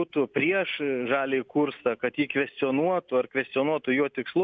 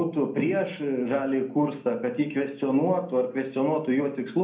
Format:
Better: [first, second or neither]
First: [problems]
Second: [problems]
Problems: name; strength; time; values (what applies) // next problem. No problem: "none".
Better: first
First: none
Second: room echo; dies away in 0.6 s